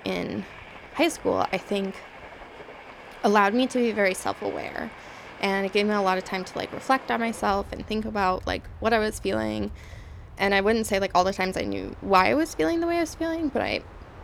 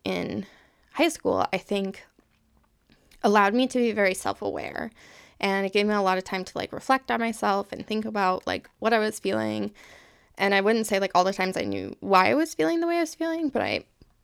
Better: second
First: train or aircraft noise; noticeable; throughout; 20 dB below the speech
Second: none

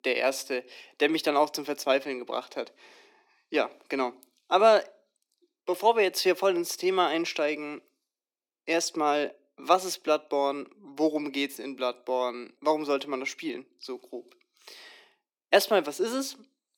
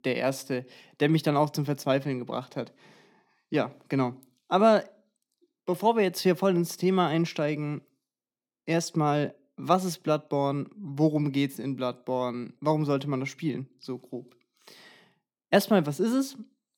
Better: second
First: thin; somewhat; fading below 350 Hz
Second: none

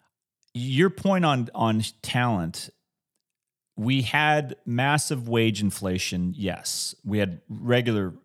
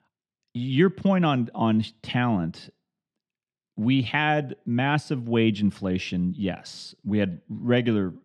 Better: first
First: none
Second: muffled; slightly; fading above 3 kHz

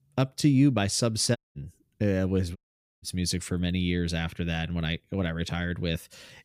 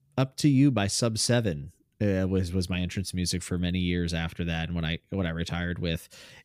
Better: second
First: audio cutting out; at 1.5 s and at 2.5 s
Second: none

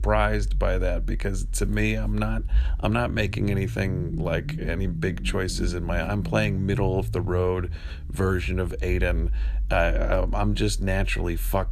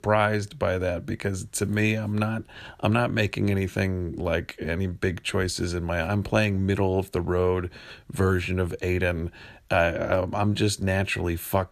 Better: second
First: low rumble; noticeable; throughout; 20 dB below the speech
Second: none

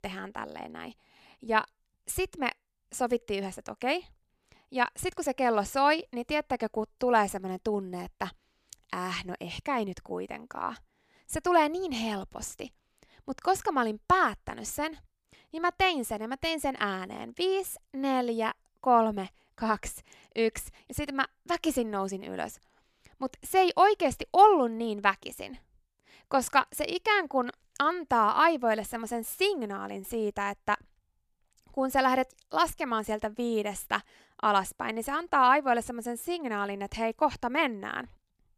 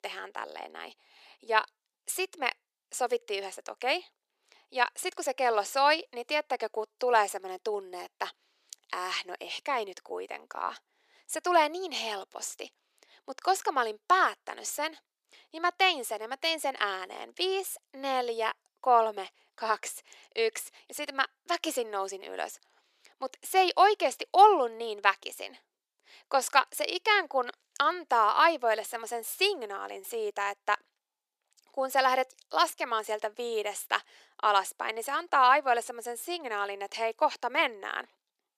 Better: first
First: none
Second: thin; somewhat; fading below 400 Hz

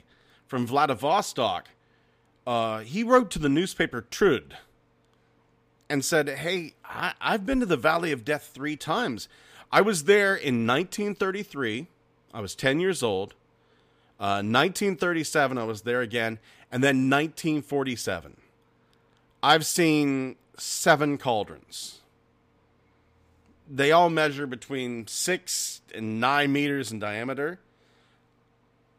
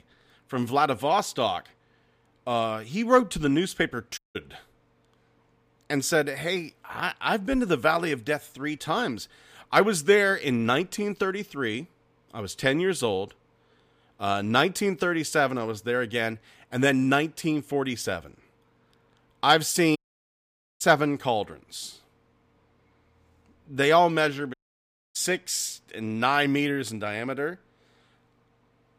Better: first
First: none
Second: audio cutting out; at 4 s, at 20 s for 1 s and at 25 s for 0.5 s

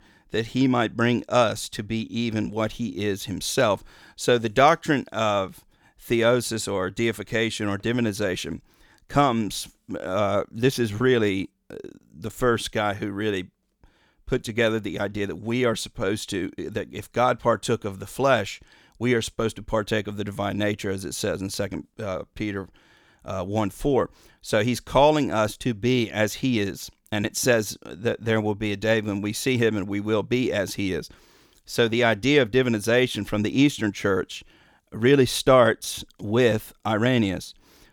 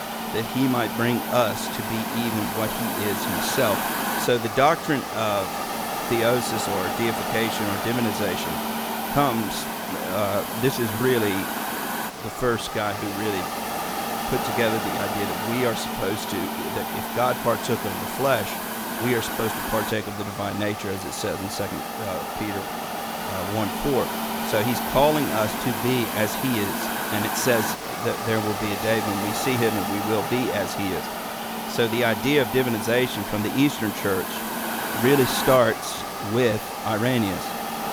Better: first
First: none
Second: hiss; loud; throughout; 3 dB below the speech

